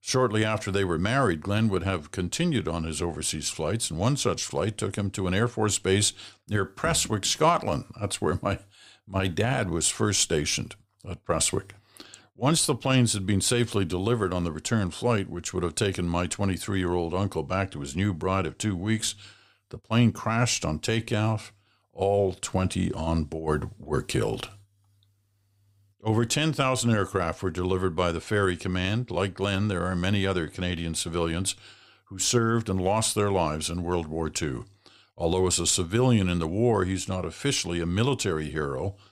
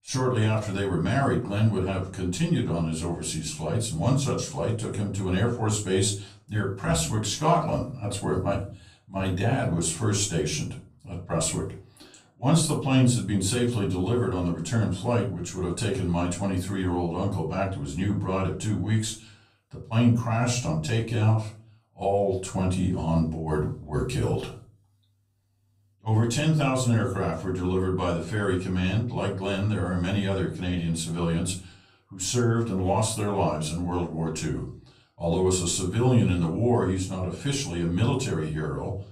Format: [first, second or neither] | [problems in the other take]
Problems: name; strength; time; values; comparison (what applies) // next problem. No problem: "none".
first | room echo; slight; dies away in 0.4 s // off-mic speech; far